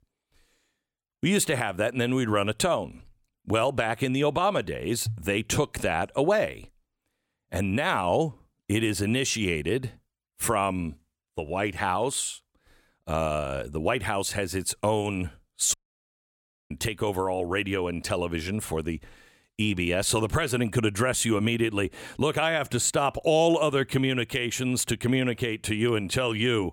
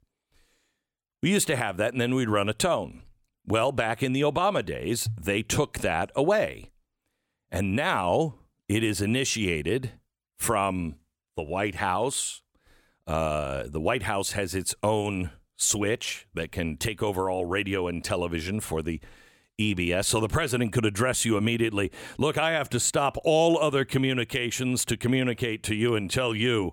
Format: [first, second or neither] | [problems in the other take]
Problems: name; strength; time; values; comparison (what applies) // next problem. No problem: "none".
second | audio cutting out; at 16 s for 1 s